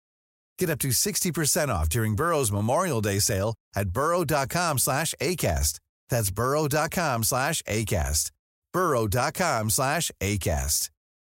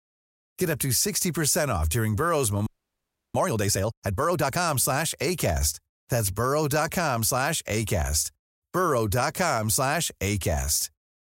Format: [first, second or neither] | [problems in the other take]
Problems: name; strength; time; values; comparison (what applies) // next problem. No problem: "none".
first | audio freezing; at 2.5 s for 0.5 s